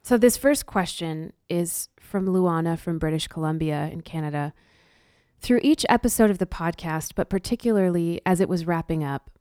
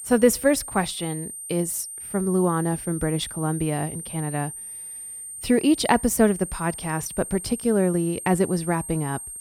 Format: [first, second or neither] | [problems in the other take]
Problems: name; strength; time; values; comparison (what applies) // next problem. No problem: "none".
first | high-pitched whine; loud; throughout; 9 kHz, 10 dB below the speech